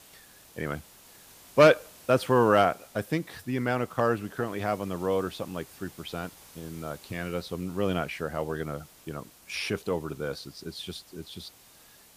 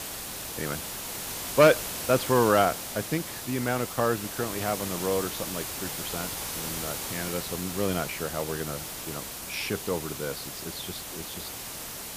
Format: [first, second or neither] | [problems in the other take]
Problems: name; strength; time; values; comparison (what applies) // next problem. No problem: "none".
first | hiss; loud; throughout; 5 dB below the speech; faint in the first